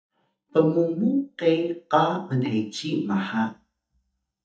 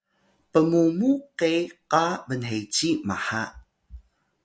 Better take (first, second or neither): second